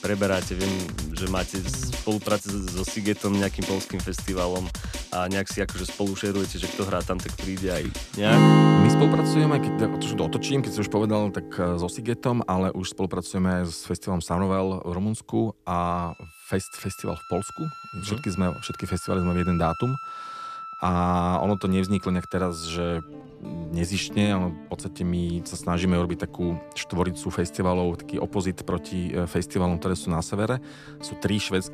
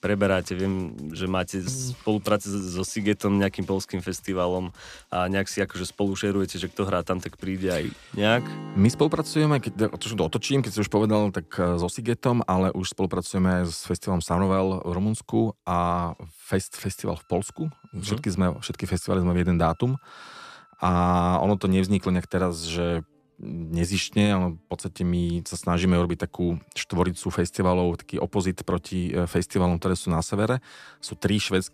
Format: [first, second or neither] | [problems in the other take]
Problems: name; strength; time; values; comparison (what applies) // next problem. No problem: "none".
second | background music; loud; throughout; 1 dB below the speech; faint in the second